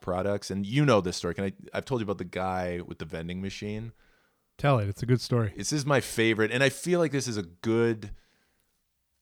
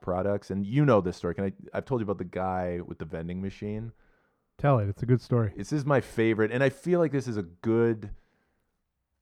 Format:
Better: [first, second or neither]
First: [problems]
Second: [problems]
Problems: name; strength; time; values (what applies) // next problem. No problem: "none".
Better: first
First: none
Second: muffled; slightly; fading above 2 kHz